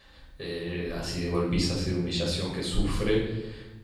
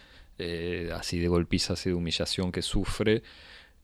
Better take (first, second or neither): second